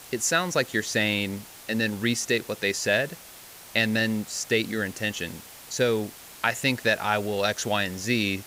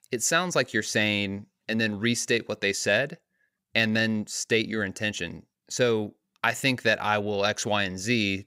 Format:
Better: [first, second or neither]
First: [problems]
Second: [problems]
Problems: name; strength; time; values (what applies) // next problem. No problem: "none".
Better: second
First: hiss; noticeable; throughout; 15 dB below the speech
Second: none